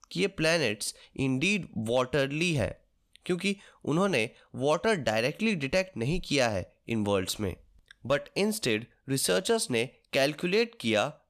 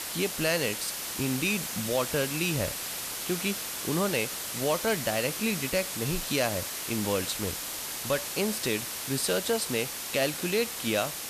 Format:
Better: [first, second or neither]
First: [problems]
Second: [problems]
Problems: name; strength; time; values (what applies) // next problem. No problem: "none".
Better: first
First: none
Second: hiss; loud; throughout; 2 dB below the speech